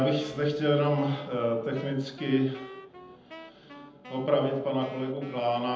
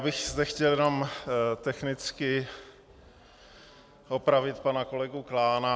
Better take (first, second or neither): second